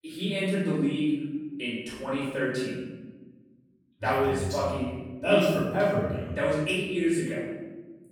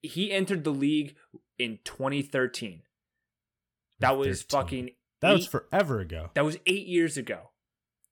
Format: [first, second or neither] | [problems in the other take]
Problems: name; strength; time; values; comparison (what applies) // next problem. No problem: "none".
second | off-mic speech; far // room echo; strong; dies away in 1.2 s